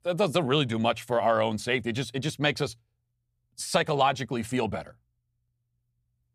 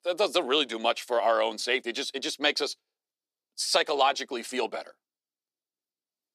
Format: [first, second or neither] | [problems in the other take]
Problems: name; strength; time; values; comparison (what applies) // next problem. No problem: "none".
first | thin; somewhat; fading below 300 Hz